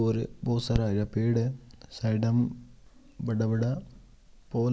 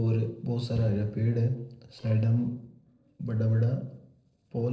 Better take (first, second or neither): first